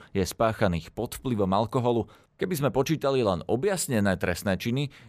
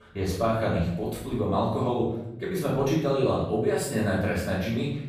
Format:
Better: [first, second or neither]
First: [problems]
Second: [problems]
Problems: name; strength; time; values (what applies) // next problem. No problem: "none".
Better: first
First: none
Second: off-mic speech; far // room echo; noticeable; dies away in 0.8 s